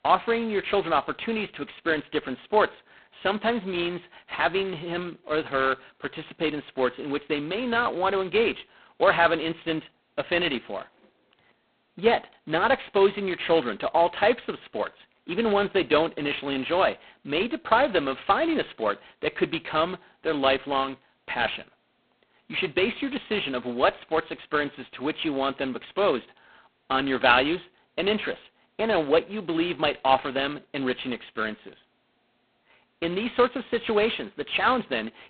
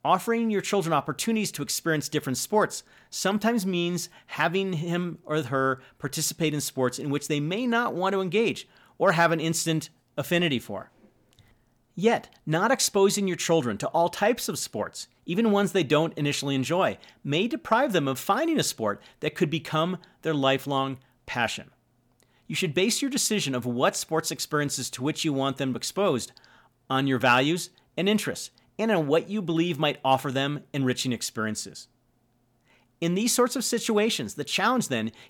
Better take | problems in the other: second | phone-call audio; poor line; nothing above 4 kHz

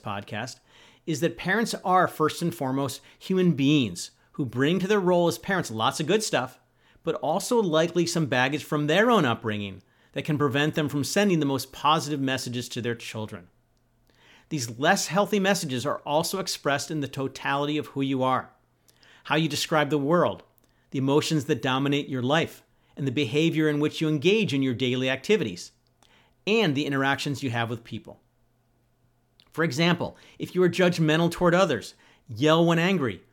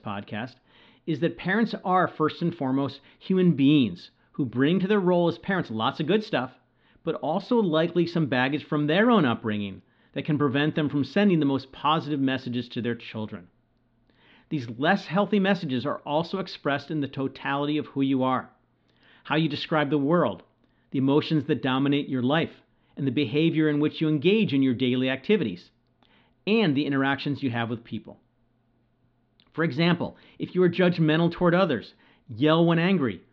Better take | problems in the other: first | muffled; slightly; fading above 4 kHz

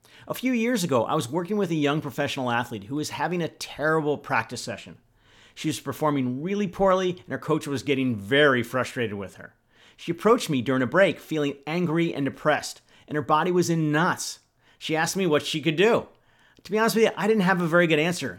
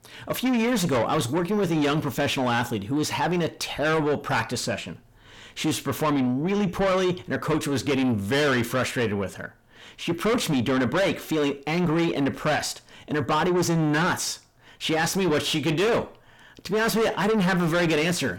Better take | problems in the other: first | distortion; heavy; 6 dB below the speech

